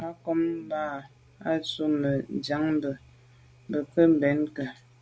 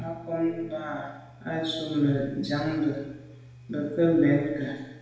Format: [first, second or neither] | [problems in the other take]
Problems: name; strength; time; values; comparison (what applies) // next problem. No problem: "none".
first | room echo; dies away in 1 s